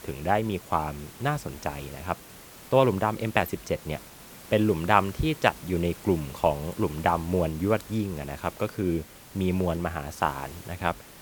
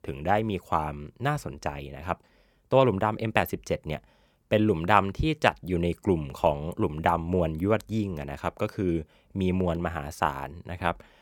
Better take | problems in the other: second | hiss; noticeable; throughout; 15 dB below the speech

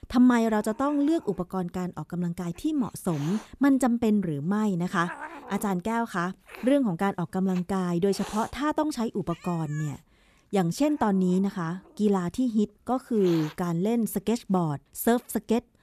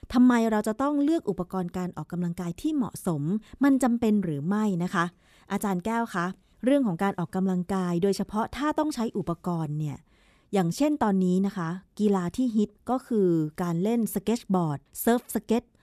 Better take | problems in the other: second | hiss; noticeable; throughout; 20 dB below the speech

